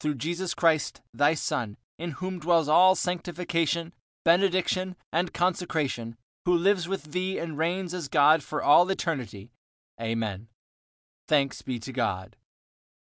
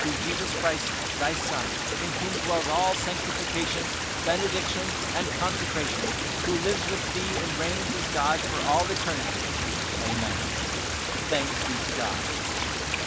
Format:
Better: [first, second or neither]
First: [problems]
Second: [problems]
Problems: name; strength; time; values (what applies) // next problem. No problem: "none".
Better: first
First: none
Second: background sound (Stream); 3 dB above the speech